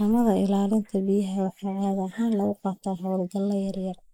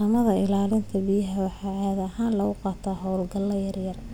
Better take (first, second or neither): second